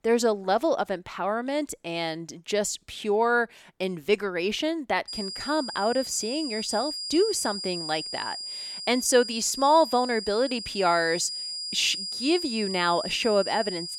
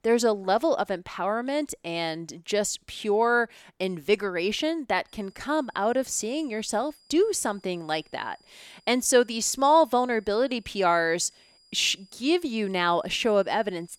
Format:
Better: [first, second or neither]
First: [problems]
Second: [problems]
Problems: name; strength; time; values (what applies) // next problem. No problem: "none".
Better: second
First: high-pitched whine; loud; from 5 s on; 5 kHz, 6 dB below the speech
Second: high-pitched whine; faint; from 5 s on; 5 kHz, 35 dB below the speech